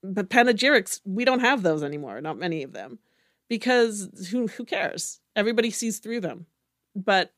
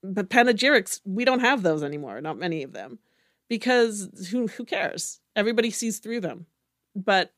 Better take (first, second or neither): neither